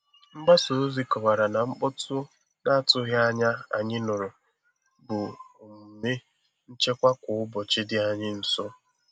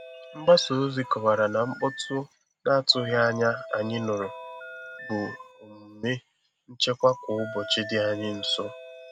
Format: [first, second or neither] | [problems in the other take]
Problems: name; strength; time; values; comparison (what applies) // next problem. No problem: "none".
first | background sound (Doorbell + Telephone); 14 dB below the speech